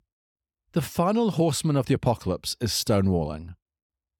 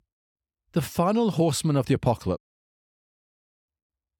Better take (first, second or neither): first